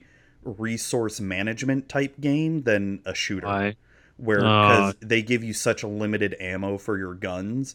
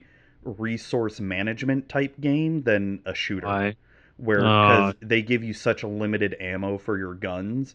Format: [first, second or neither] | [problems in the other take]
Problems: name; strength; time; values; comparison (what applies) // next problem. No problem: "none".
first | muffled; slightly; fading above 4 kHz